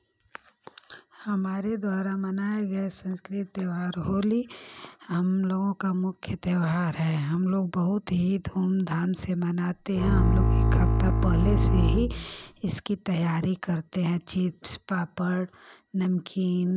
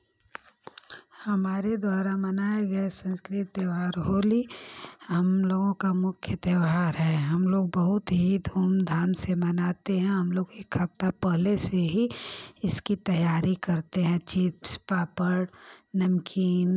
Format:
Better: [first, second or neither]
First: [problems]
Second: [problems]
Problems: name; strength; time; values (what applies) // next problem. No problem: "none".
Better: second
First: background sound (Bowed string instrument); 5 dB above the speech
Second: none